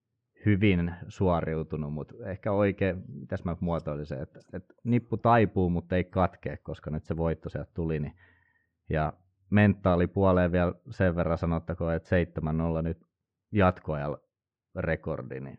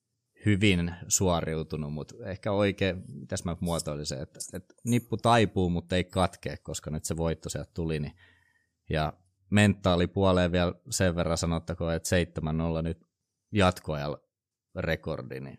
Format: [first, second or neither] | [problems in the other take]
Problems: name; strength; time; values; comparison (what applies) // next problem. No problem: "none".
second | muffled; very; fading above 2 kHz